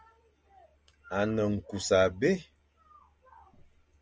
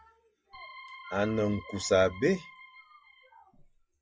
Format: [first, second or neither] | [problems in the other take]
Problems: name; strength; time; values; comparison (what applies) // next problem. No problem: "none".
first | noise reduction (classical method log-MMSE)